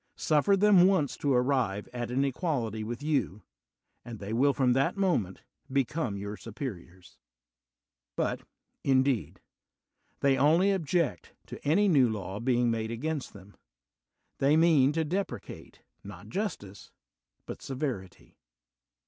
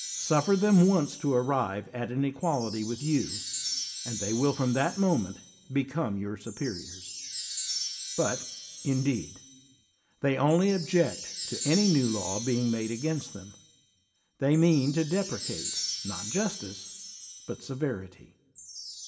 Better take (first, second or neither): first